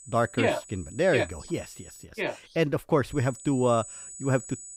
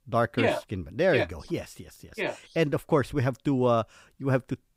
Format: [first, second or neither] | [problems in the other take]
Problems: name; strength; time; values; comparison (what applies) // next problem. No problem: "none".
second | high-pitched whine; noticeable; until 2 s and from 3 s on; 8 kHz, 15 dB below the speech